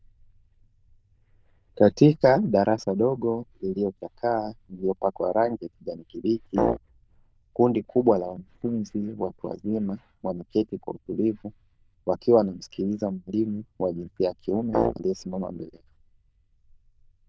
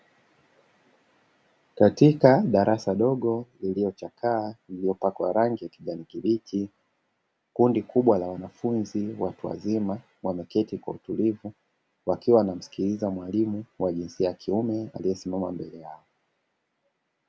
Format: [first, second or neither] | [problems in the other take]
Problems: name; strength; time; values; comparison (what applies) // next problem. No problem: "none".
second | noise reduction (neural diffusion model UNIVERSE++)